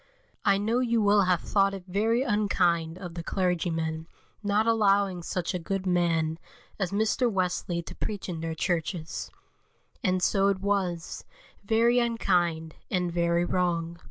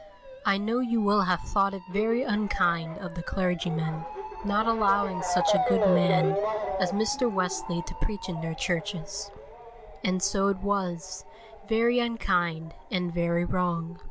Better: first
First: none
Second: background sound (Motor vehicle (road) / Siren); 6 dB below the speech

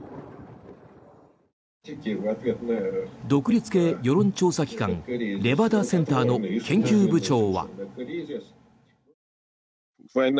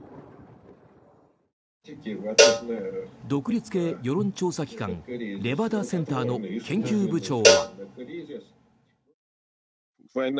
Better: first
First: none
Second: background sound (Cowbell); 5 dB above the speech

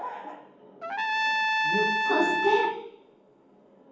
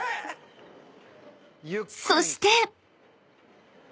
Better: second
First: background sound (Trumpet); 4 dB above the speech // room echo; dies away in 1.2 s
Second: none

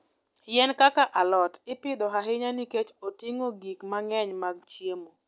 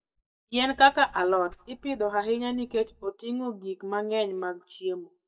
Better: first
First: none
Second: noise reduction (neural mask model DeepFilterNet 3)

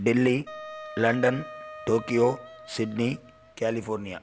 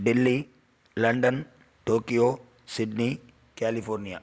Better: second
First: background sound (Wind instrument, woodwind instrument); 16 dB below the speech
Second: none

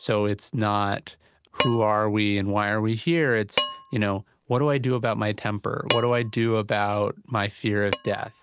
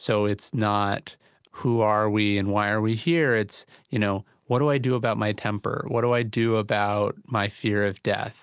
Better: second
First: noise reduction (neural mask model RNNoise)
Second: none

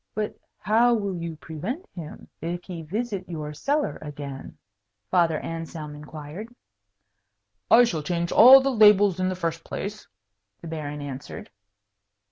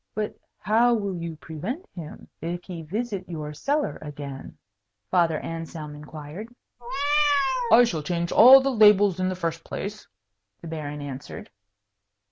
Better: first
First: none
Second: background sound (Meow); 1 dB below the speech

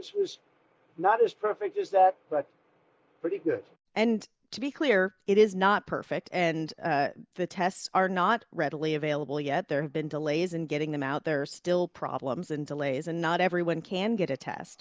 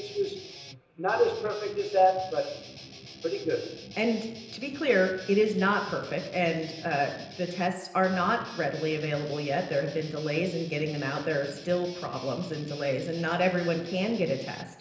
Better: first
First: none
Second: background sound (Guitar); 16 dB below the speech // room echo; dies away in 0.9 s

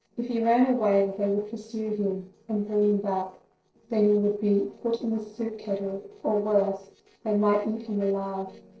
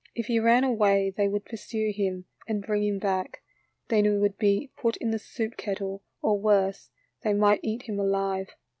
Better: second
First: noise reduction (neural separator model SepFormer DNS4)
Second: none

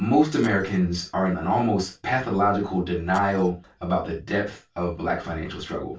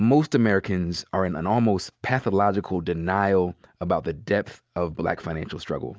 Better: second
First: background sound (Glass); 19 dB below the speech // room echo; dies away in 0.2 s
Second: none

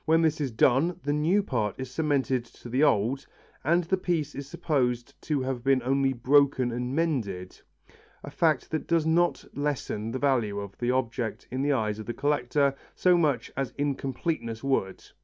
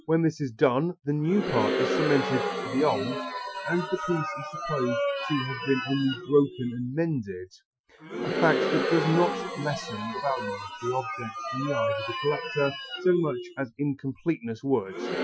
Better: first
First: none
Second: noise reduction (classical method Wiener filter)

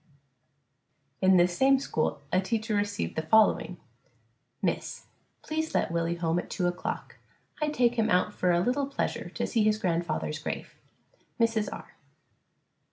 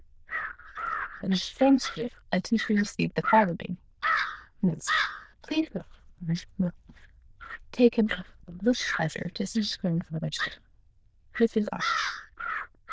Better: first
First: none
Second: noise reduction (neural diffusion model UNIVERSE++)

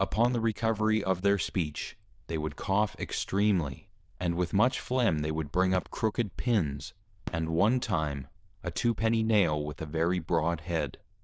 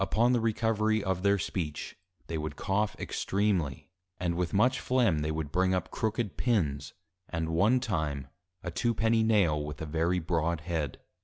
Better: second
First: noise reduction (neural diffusion model UNIVERSE++)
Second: none

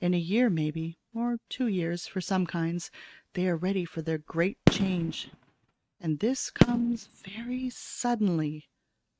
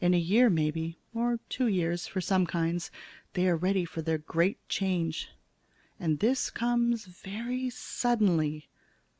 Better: second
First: noise reduction (neural mask model RNNoise)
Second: none

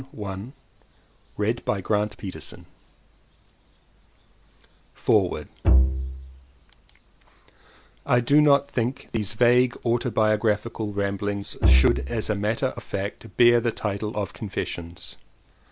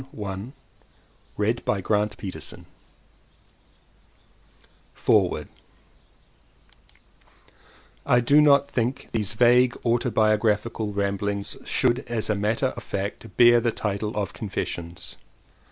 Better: second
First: background sound (Bowed string instrument); 4 dB above the speech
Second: none

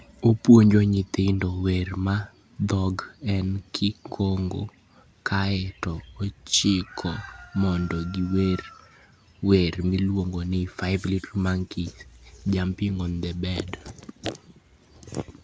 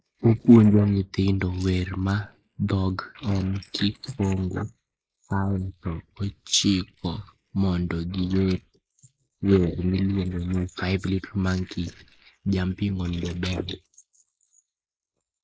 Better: first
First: none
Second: noise reduction (neural mask model Resemble Enhance denoiser)

